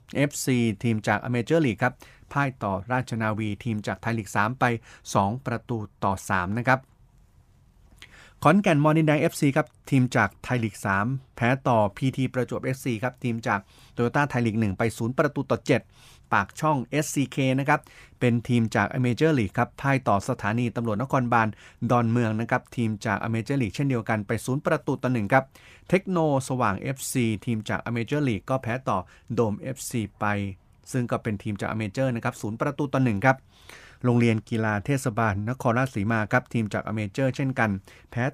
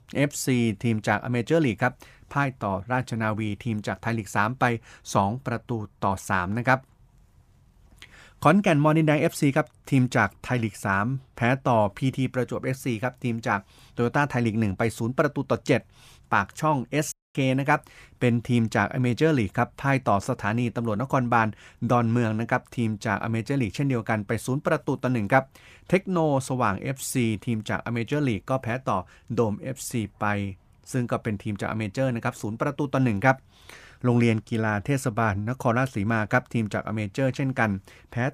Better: first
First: none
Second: audio cutting out; at 17 s

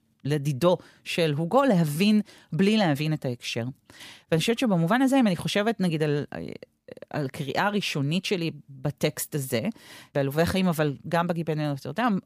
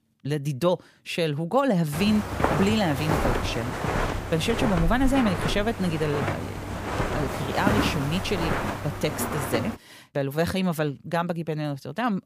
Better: first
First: none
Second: footsteps; loud; from 2 to 9.5 s; peak 3 dB above the speech

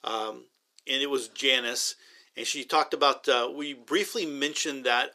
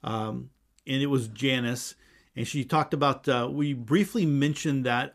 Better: second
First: thin; somewhat; fading below 400 Hz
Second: none

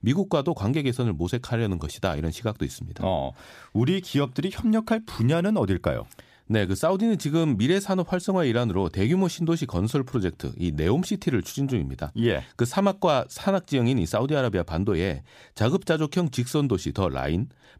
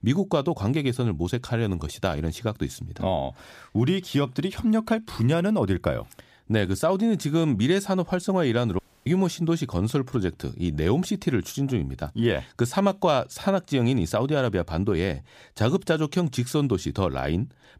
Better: first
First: none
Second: audio cutting out; at 9 s

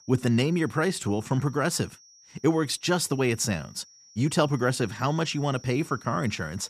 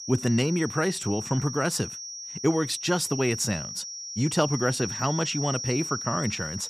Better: first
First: high-pitched whine; faint; throughout; 6 kHz, 25 dB below the speech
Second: high-pitched whine; loud; throughout; 6 kHz, 7 dB below the speech

